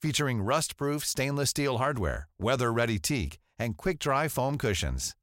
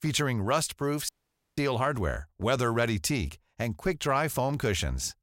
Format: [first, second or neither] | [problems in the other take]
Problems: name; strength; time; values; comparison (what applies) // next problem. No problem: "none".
first | audio cutting out; at 1 s